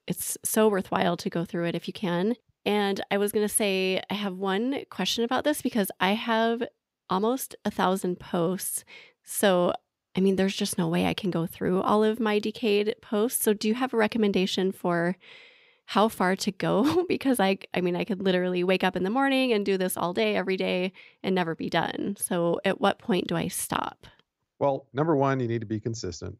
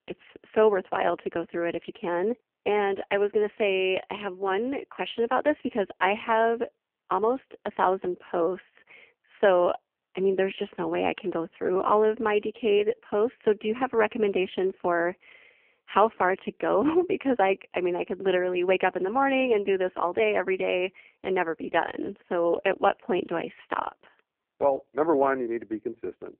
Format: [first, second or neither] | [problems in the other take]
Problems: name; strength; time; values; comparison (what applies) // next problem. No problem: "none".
first | phone-call audio; poor line; nothing above 3 kHz